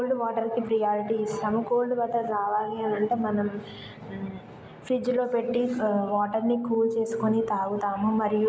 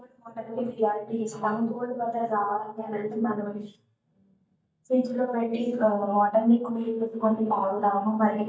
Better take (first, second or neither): first